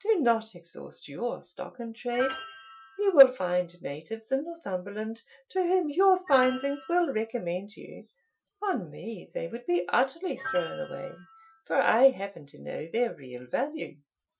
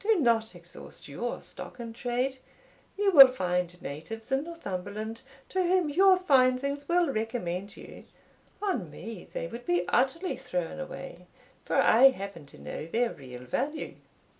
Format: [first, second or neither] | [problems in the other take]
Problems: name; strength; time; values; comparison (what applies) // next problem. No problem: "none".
second | noise reduction (classical method Wiener filter)